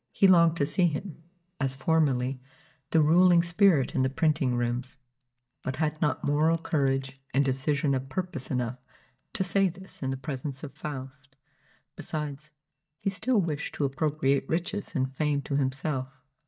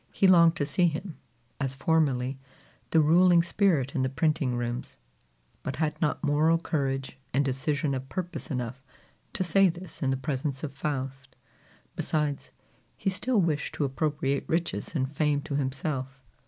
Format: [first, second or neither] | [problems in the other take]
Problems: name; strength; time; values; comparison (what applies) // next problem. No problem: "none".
second | noise reduction (neural mask model DeepFilterNet 3)